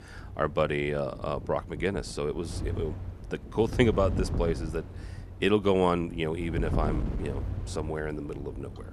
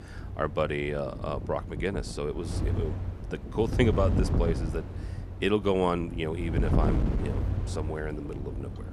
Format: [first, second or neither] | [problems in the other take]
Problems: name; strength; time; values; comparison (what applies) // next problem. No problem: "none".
first | wind noise on the microphone; heavy; 9 dB below the speech; occasional gusts in the first